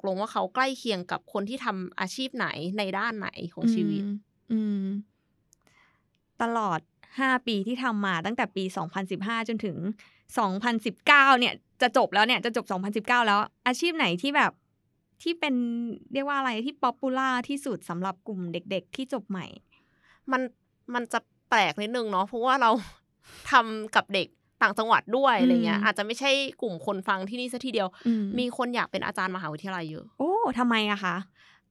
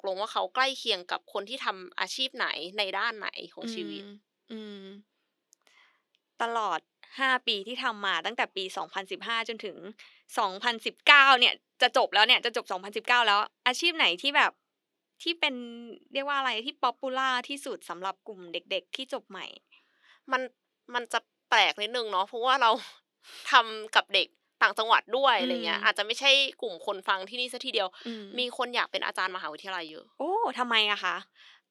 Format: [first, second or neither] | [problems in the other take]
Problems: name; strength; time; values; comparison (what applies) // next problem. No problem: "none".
first | thin; somewhat; fading below 350 Hz